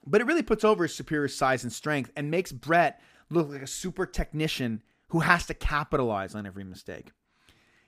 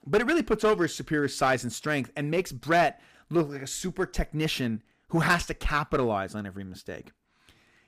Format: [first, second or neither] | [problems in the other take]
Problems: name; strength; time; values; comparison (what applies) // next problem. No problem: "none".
first | distortion; slight; 3% of the sound clipped